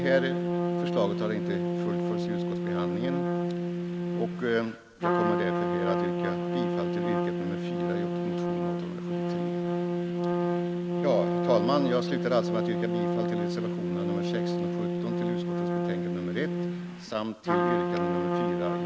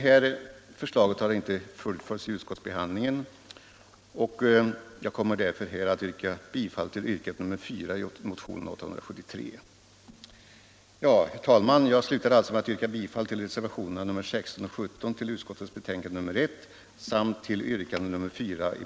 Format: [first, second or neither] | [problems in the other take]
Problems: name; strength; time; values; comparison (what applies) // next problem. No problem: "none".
second | background sound (Trumpet); 5 dB above the speech